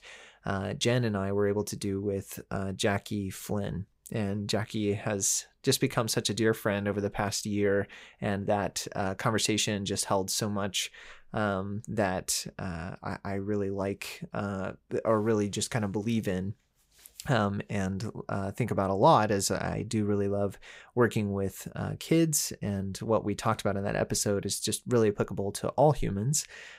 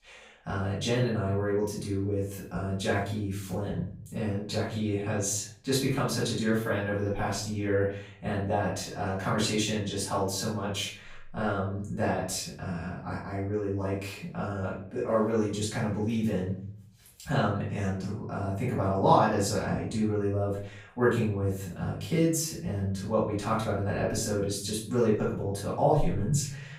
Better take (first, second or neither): first